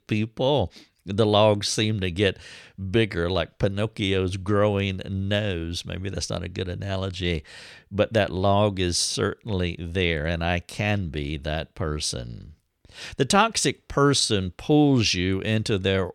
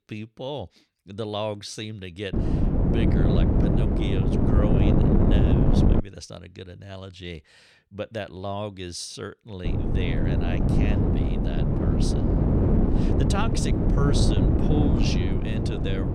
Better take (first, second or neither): first